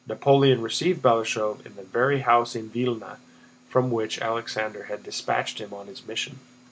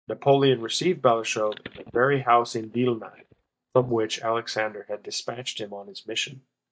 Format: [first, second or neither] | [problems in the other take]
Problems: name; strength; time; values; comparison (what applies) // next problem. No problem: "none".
first | noise reduction (neural mask model DeepFilterNet 3)